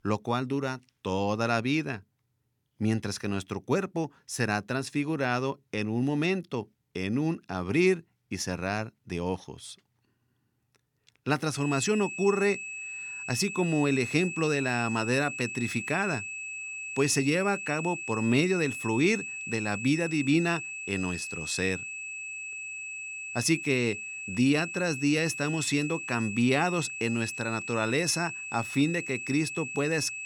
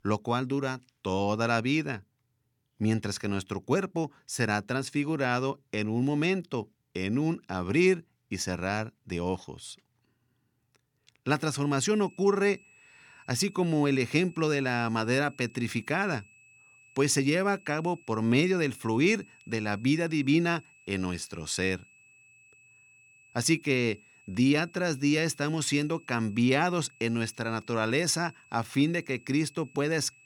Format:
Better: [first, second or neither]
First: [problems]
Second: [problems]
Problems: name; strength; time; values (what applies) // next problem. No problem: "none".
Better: second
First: high-pitched whine; loud; from 12 s on; 2.5 kHz, 6 dB below the speech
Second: high-pitched whine; faint; from 12 s on; 2.5 kHz, 25 dB below the speech